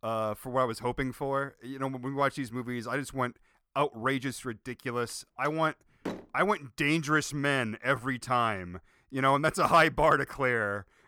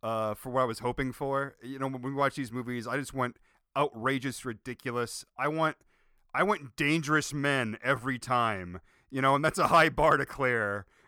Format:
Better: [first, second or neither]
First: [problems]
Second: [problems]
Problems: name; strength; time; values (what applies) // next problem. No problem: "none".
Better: second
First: door banging; faint; at 5.5 s; peak 10 dB below the speech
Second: none